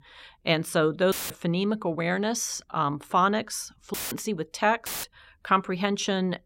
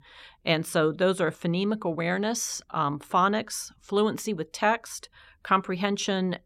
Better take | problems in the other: second | audio cutting out; filled with static; at 1 s, at 4 s and at 5 s

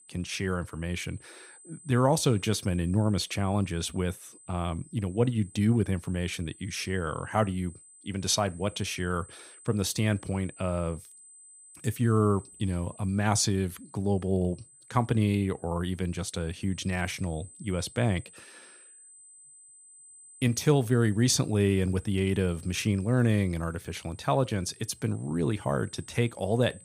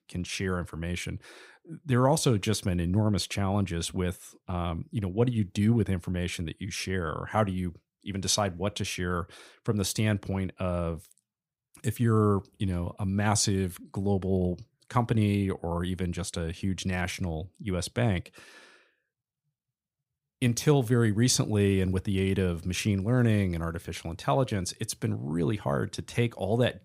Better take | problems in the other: second | high-pitched whine; faint; throughout; 8 kHz, 20 dB below the speech

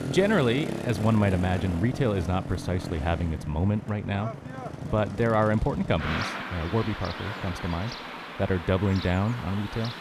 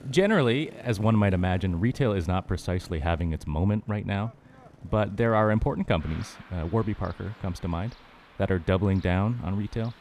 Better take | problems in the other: second | traffic noise; loud; throughout; 8 dB below the speech; faint in the second

